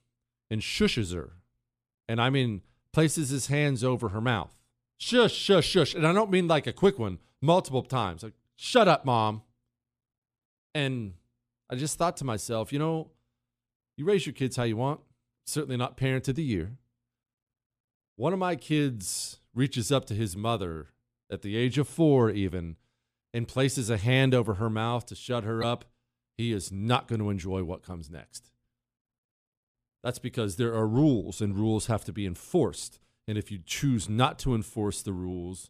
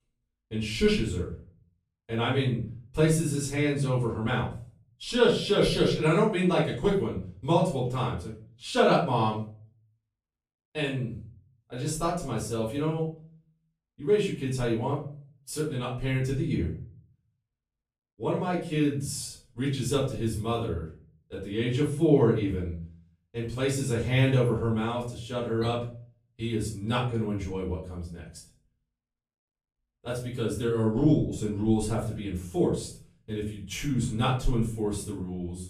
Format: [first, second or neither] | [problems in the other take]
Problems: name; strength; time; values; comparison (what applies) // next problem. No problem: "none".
first | off-mic speech; far // room echo; noticeable; dies away in 0.4 s